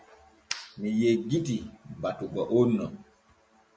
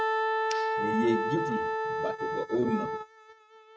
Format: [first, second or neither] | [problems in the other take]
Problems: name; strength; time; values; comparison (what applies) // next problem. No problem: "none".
first | noise reduction (neural mask model RNNoise)